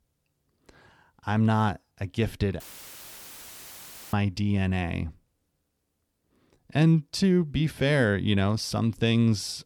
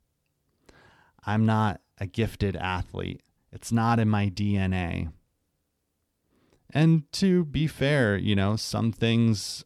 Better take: second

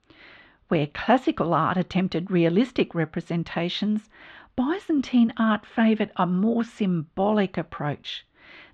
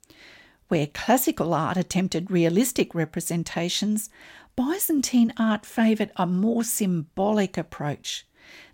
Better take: second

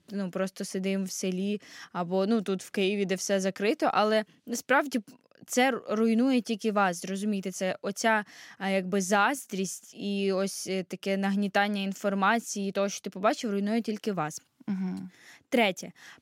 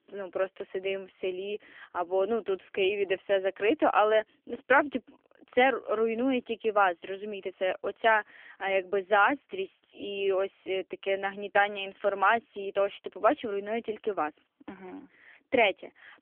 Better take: first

